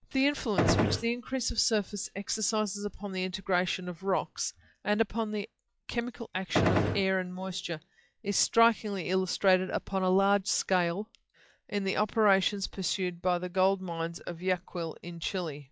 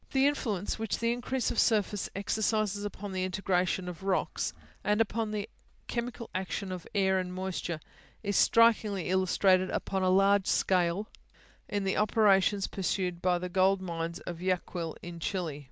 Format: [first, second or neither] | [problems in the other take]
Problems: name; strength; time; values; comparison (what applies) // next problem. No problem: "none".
second | noise reduction (classical method log-MMSE)